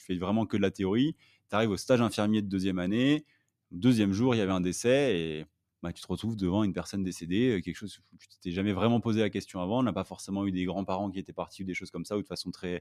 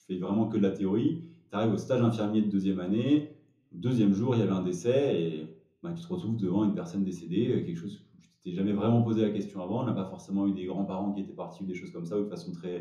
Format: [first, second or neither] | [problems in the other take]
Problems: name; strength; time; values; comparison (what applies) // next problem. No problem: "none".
first | room echo; slight; dies away in 0.6 s // off-mic speech; somewhat distant